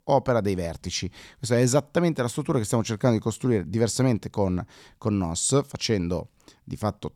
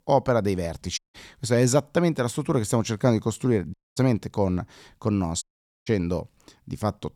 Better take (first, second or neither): first